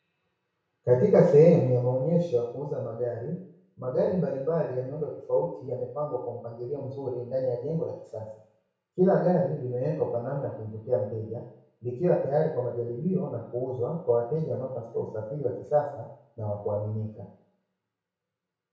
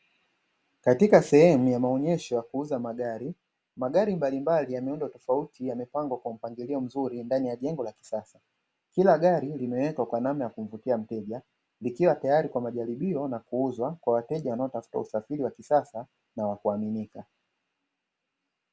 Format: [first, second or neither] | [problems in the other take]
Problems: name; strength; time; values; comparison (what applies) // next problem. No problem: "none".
second | room echo; dies away in 0.6 s